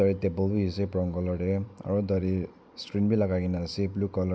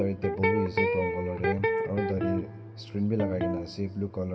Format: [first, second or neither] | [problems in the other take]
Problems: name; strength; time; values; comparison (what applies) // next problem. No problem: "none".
first | background sound (Electric guitar); as loud as the speech // room echo; dies away in 2.7 s